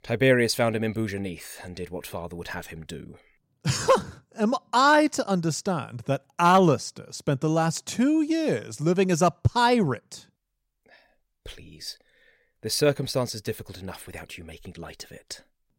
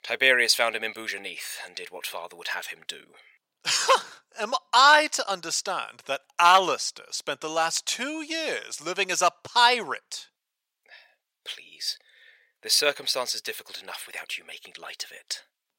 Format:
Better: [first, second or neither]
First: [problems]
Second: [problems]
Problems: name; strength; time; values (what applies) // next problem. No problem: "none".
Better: first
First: none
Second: thin; very; fading below 800 Hz